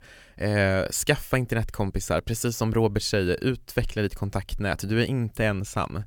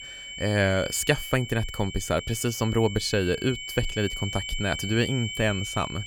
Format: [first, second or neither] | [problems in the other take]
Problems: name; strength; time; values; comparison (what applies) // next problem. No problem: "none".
first | high-pitched whine; loud; throughout; 3 kHz, 8 dB below the speech